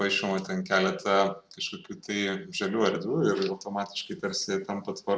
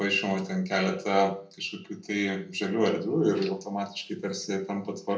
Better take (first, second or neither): first